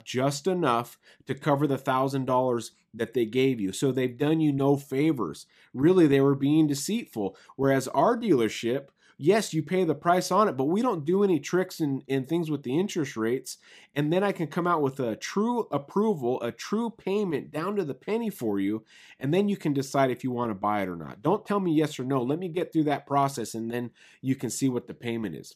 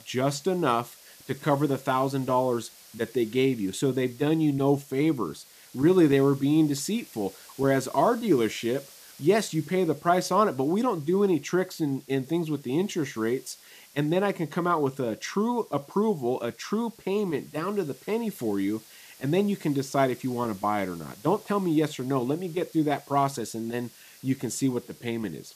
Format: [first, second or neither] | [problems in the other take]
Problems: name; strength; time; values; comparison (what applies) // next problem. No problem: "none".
first | hiss; faint; throughout; 25 dB below the speech